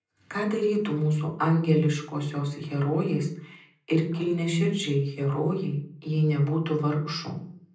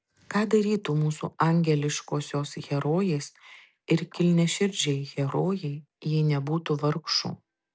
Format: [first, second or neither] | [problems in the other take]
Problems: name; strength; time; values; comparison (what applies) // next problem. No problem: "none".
second | room echo; dies away in 0.6 s